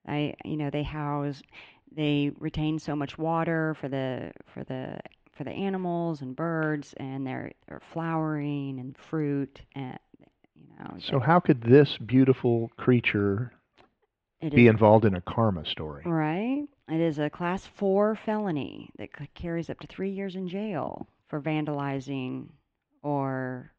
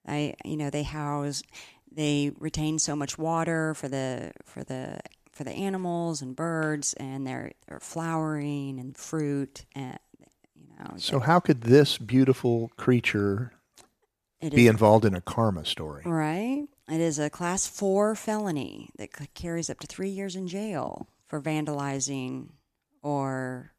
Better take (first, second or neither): second